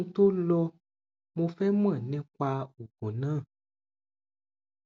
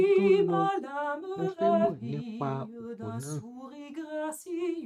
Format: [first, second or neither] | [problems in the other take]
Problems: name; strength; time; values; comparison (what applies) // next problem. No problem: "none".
first | noise reduction (neural mask model RNNoise)